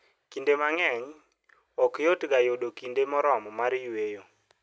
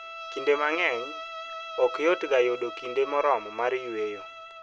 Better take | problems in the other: first | background sound (Bowed string instrument); 11 dB below the speech

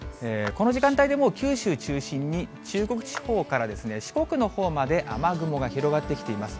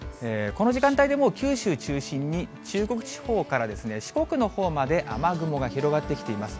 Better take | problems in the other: second | background sound (Clapping); 19 dB below the speech

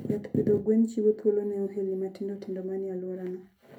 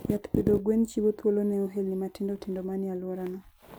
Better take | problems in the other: second | room echo; dies away in 0.3 s

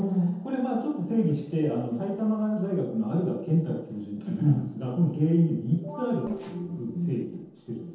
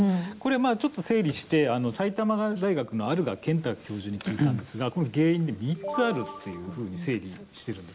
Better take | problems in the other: second | noise reduction (neural separator model SepFormer DNS4)

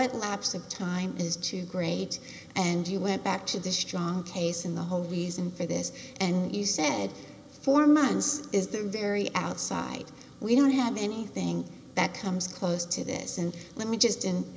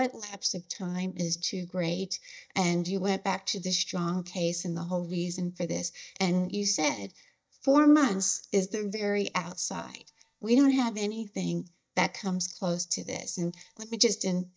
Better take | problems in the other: first | noise reduction (neural mask model DeepFilterNet 3)

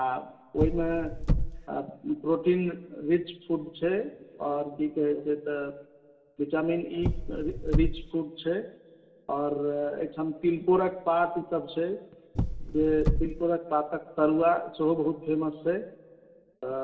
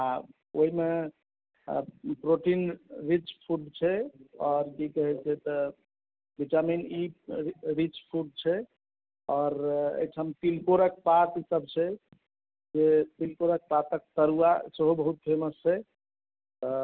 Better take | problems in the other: second | background sound (Car); 1 dB above the speech // room echo; dies away in 2.9 s

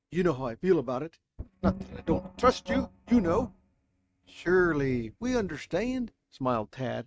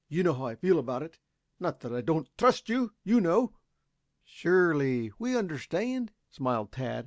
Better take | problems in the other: second | noise reduction (neural mask model RNNoise)

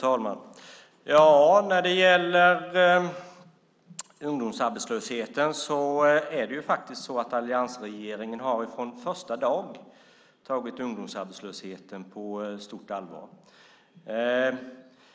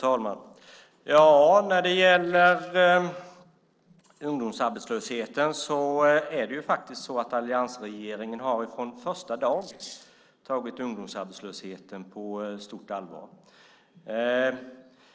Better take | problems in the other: first | noise reduction (neural separator model SepFormer DNS4)

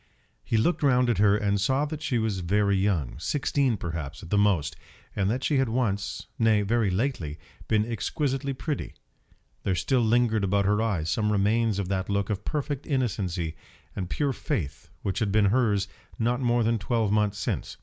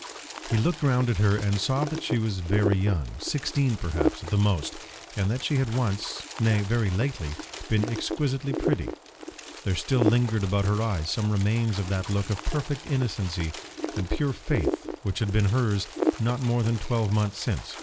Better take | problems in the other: first | background sound (Wind); 8 dB below the speech

